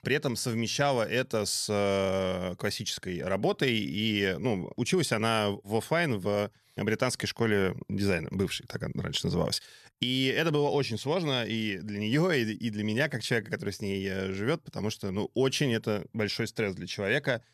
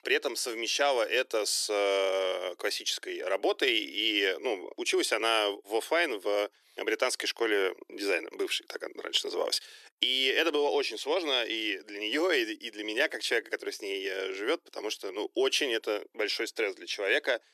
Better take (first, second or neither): first